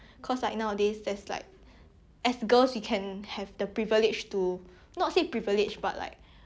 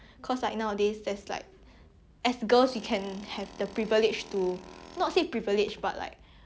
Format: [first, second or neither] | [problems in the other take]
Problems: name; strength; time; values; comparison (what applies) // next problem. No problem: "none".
first | background sound (Tools); 19 dB below the speech